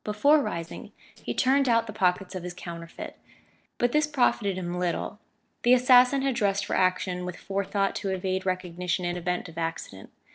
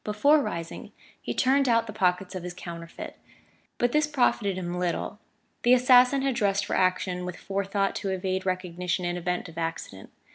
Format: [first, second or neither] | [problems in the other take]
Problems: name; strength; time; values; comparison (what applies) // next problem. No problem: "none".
second | noise reduction (neural separator model SepFormer DNS4)